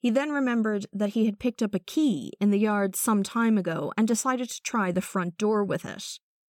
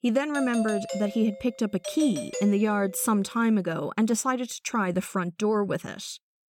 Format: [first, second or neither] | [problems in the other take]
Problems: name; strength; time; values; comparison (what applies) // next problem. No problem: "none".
first | doorbell; noticeable; until 3 s; peak 7 dB below the speech